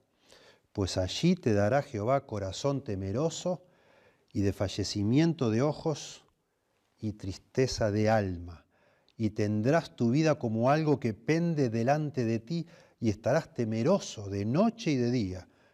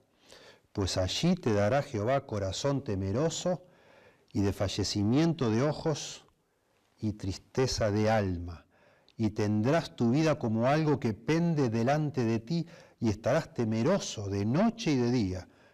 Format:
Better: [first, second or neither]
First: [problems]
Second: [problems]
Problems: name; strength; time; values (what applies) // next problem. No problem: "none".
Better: first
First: none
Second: distortion; slight; 10 dB below the speech